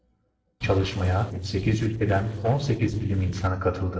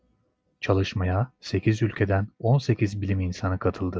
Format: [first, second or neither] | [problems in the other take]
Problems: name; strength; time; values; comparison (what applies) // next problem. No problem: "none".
second | noise reduction (neural separator model SepFormer DNS4)